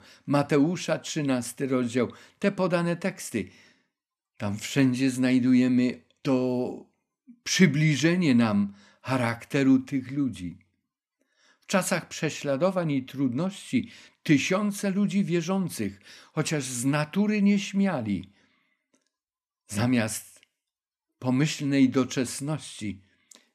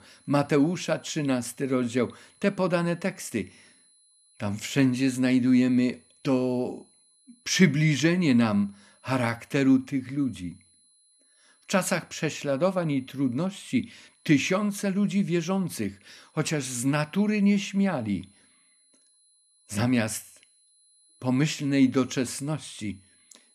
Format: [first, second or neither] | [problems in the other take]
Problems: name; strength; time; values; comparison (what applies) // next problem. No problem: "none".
first | high-pitched whine; faint; throughout; 10 kHz, 35 dB below the speech